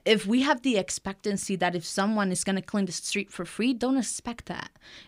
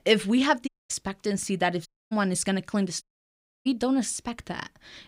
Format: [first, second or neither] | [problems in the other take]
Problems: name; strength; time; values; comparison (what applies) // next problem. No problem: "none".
first | audio cutting out; at 0.5 s, at 2 s and at 3 s for 0.5 s